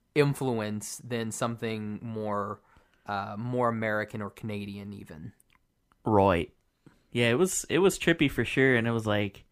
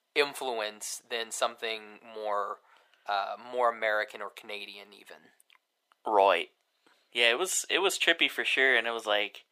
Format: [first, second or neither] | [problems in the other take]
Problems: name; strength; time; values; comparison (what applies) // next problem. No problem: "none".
first | thin; very; fading below 500 Hz